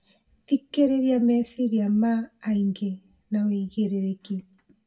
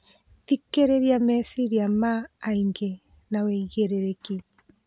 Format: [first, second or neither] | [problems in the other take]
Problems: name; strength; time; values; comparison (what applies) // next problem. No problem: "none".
second | room echo; dies away in 0.1 s